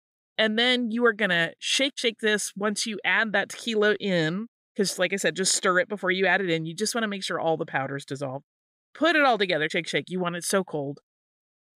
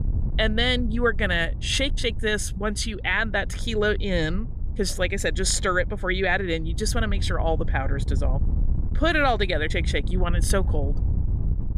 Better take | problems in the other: first | wind noise on the microphone; occasional gusts; 20 dB below the speech

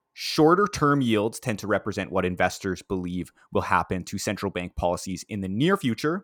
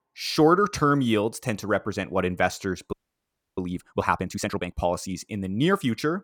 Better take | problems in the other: first | audio freezing; at 3 s for 0.5 s

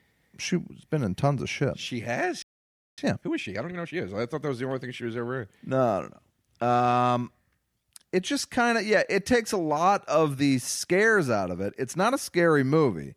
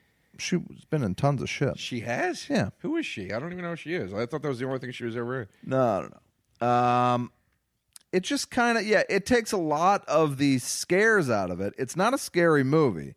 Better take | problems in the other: second | audio freezing; at 2.5 s for 0.5 s

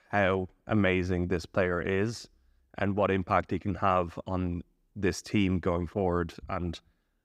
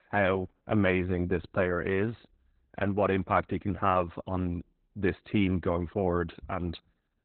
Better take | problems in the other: first | garbled, watery; badly; nothing above 4 kHz

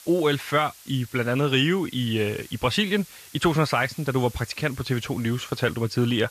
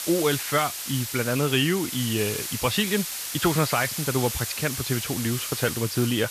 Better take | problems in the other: first | hiss; loud; throughout; 4 dB below the speech; faint in the first

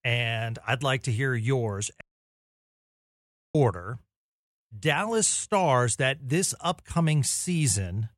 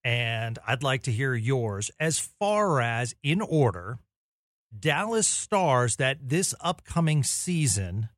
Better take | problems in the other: second | audio cutting out; at 2 s for 1.5 s

